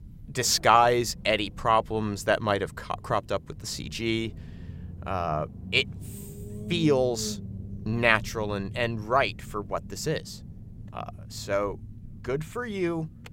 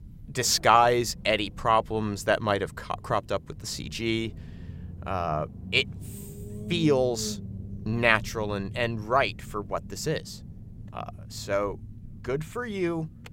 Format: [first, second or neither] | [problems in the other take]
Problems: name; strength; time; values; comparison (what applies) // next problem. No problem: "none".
neither | low rumble; faint; throughout; 25 dB below the speech; the same in both